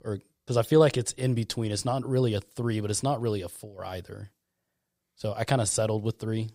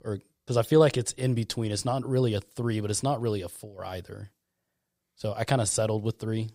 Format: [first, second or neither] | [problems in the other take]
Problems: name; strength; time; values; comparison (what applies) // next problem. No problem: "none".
neither | none